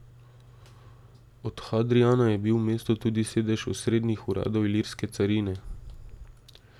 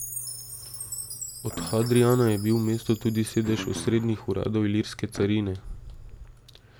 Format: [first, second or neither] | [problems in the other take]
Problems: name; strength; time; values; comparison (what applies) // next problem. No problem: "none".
first | background sound (Chime + Guitar); 13 dB below the speech